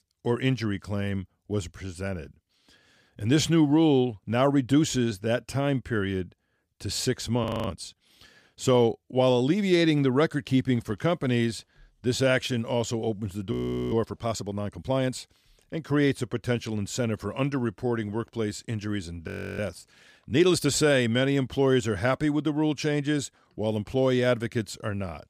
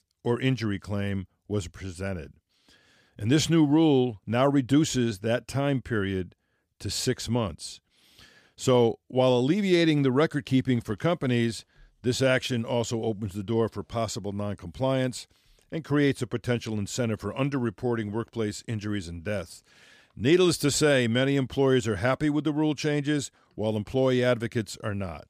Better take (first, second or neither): second